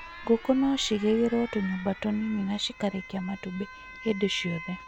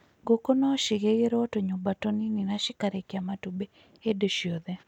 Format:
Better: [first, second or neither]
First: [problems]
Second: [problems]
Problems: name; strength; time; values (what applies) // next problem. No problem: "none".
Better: second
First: background sound (Alarm); 15 dB below the speech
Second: none